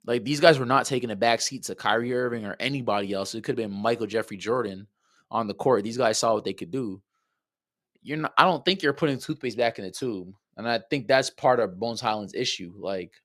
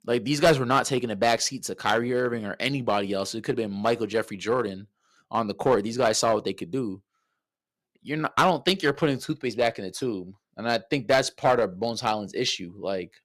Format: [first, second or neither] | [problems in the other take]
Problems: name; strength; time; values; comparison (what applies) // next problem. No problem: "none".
first | distortion; slight; 2% of the sound clipped